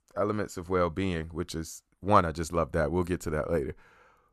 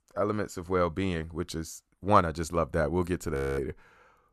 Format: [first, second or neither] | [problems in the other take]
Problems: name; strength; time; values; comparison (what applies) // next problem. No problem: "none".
first | audio freezing; at 3.5 s